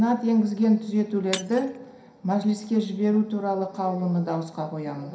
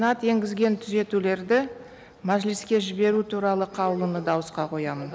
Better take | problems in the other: second | background sound (Shatter); 18 dB below the speech // room echo; dies away in 0.5 s

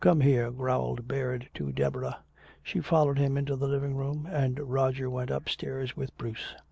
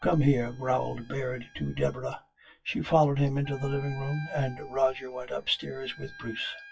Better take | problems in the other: first | noise reduction (classical method WPE with log-MMSE)

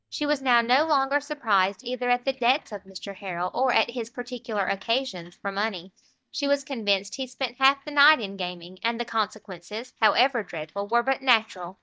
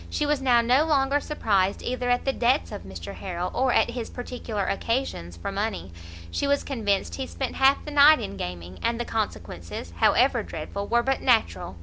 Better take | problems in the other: second | noise reduction (neural mask model DeepFilterNet 3)

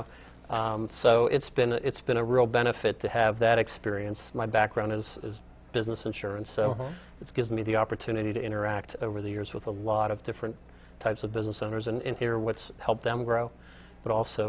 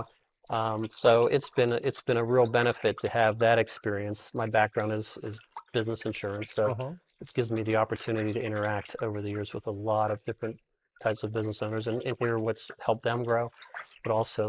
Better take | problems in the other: first | noise reduction (neural mask model Resemble Enhance denoiser)

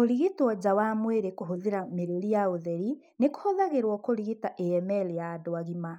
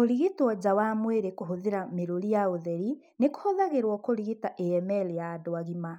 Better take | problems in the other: second | noise reduction (neural mask model Resemble Enhance denoiser)

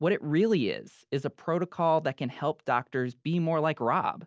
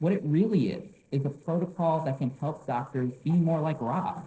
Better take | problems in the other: first | noise reduction (neural separator model SepFormer DNS4)

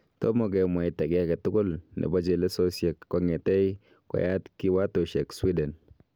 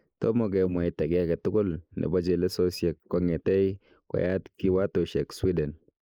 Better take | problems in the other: first | noise reduction (neural mask model Resemble Enhance denoiser)

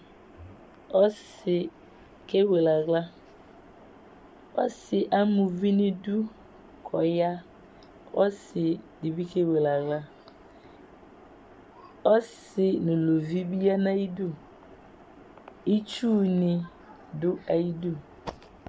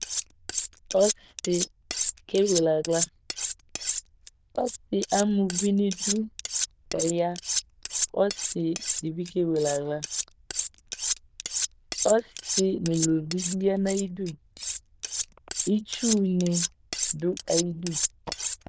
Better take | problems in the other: first | noise reduction (neural diffusion model UNIVERSE++)

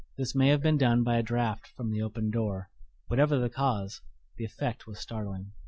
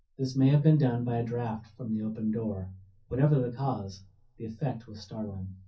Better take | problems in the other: first | room echo; dies away in 0.3 s

